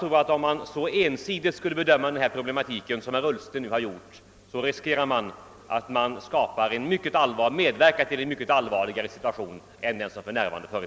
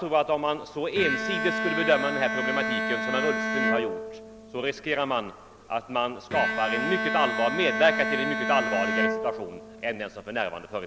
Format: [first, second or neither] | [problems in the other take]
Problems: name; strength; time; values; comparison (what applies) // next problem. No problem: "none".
first | background sound (Bowed string instrument); 2 dB below the speech